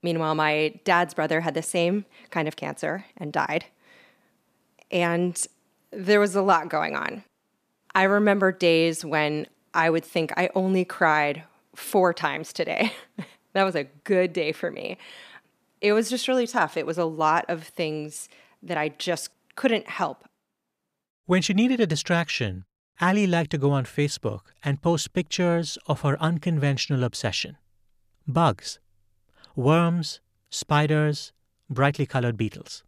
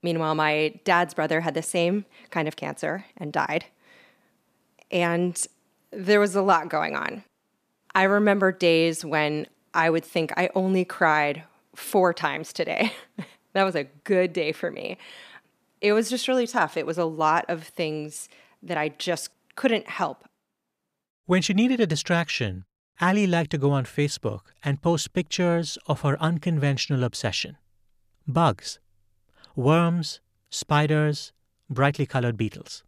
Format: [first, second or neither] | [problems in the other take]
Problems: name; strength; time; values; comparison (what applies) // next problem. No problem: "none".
neither | none